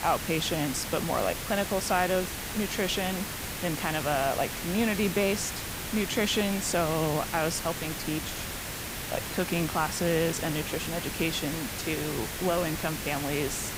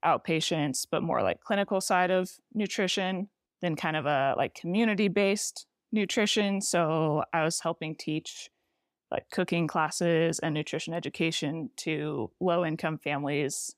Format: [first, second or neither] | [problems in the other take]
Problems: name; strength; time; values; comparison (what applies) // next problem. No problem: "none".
second | hiss; loud; throughout; 4 dB below the speech